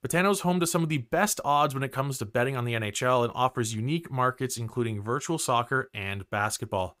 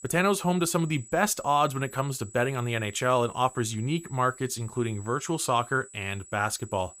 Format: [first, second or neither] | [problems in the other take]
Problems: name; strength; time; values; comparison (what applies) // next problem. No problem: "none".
first | high-pitched whine; noticeable; throughout; 8 kHz, 20 dB below the speech